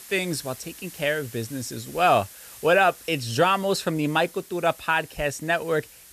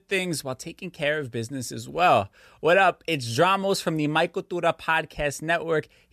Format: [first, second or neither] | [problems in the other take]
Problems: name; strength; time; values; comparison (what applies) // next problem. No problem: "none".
second | hiss; noticeable; throughout; 20 dB below the speech